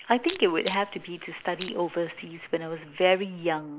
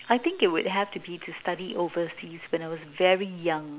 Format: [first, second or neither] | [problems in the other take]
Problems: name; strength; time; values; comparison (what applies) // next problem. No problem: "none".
second | noise reduction (neural mask model Resemble Enhance denoiser)